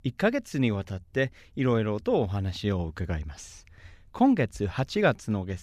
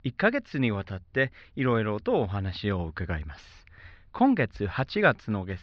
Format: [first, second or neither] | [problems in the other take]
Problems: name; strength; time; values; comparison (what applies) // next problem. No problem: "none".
first | muffled; very slightly; fading above 4.5 kHz